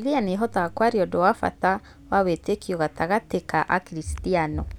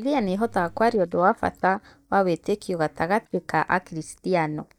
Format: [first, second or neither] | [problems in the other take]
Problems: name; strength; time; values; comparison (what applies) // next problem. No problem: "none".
first | noise reduction (neural mask model DeepFilterNet 3)